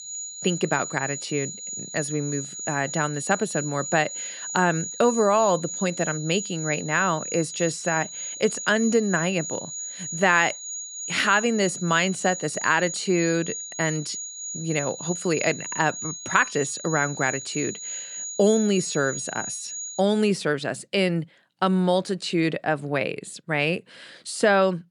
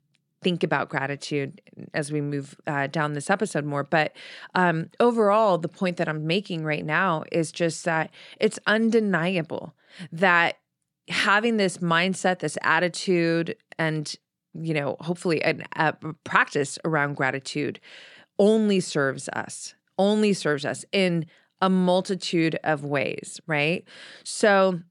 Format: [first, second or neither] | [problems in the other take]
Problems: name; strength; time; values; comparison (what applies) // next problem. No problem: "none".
second | high-pitched whine; loud; until 20 s; 7 kHz, 7 dB below the speech